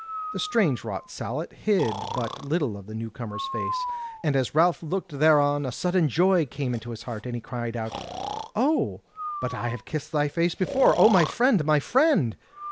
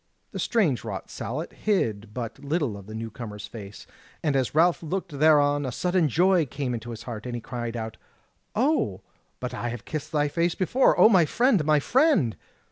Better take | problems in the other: second | background sound (Breathing); 11 dB below the speech

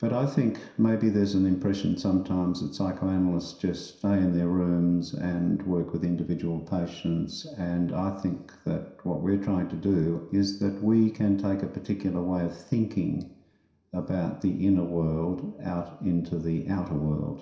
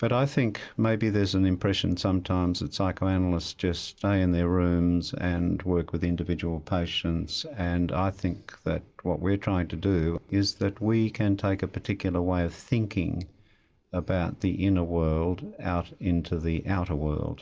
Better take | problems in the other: second | room echo; dies away in 0.7 s

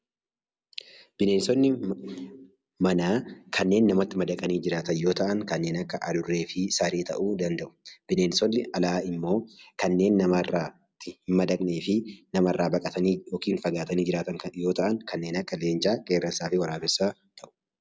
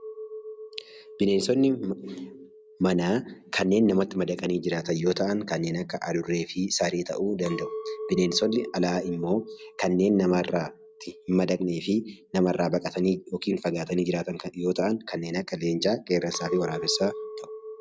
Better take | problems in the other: first | background sound (Chink, clink); 15 dB below the speech

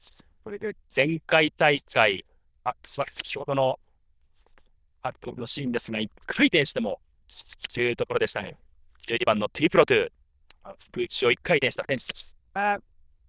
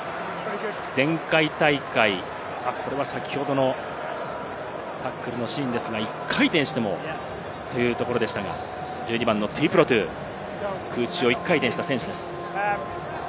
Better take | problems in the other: second | noise reduction (neural diffusion model UNIVERSE++)

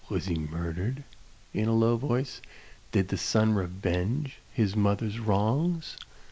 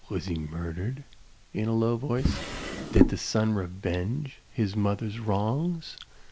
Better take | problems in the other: first | background sound (Drawer open or close); 4 dB above the speech

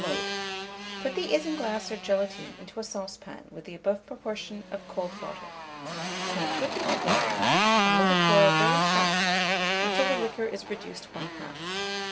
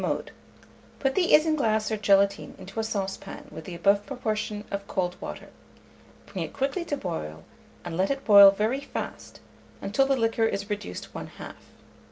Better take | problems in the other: second | background sound (Motorcycle); 4 dB above the speech

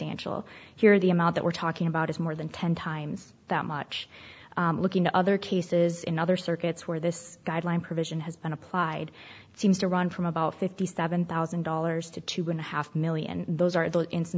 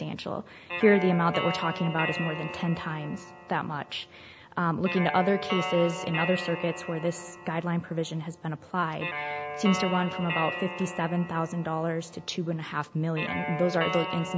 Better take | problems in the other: first | background sound (Guitar); 7 dB below the speech

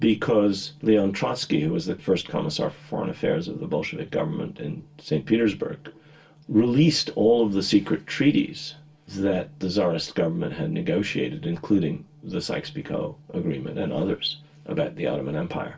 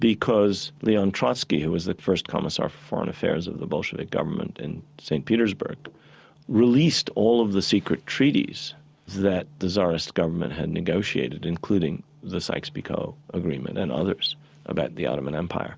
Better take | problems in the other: second | room echo; dies away in 0.2 s

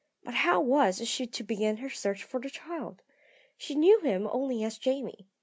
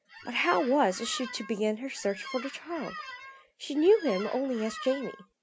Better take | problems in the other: first | background sound (Squeak); 14 dB below the speech

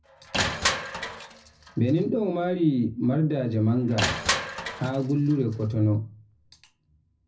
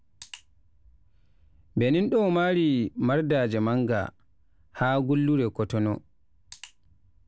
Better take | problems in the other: second | background sound (Crushing); 7 dB below the speech // room echo; dies away in 0.4 s

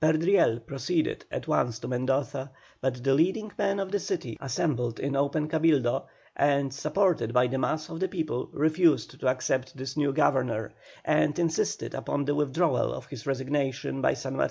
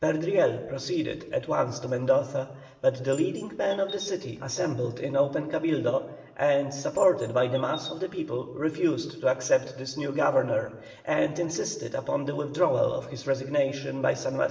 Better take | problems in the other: first | background sound (Chirp, tweet); 18 dB below the speech // room echo; dies away in 1.1 s

